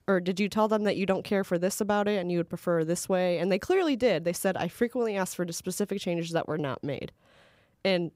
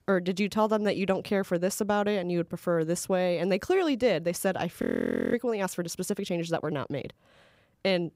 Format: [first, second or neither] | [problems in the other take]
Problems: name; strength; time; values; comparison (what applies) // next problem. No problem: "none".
first | audio freezing; at 5 s for 0.5 s